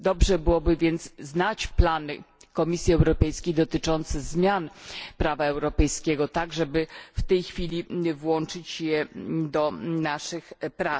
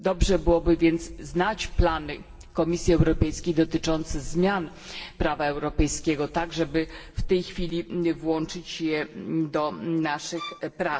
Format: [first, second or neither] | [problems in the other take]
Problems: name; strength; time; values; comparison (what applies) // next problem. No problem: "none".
first | background sound (Bowed string instrument); 15 dB below the speech // room echo; dies away in 2.3 s